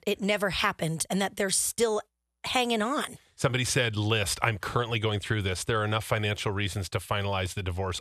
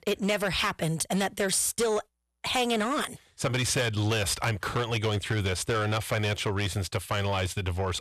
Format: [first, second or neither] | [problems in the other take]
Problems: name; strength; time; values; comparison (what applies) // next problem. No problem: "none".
first | distortion; slight; 10% of the sound clipped